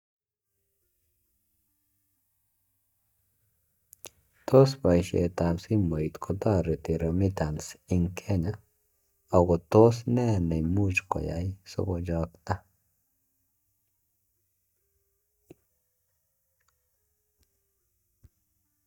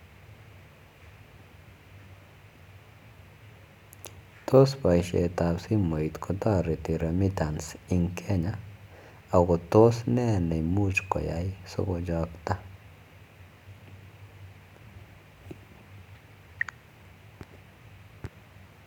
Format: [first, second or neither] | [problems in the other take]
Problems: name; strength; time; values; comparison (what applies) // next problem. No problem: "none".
second | noise reduction (neural mask model DeepFilterNet 3)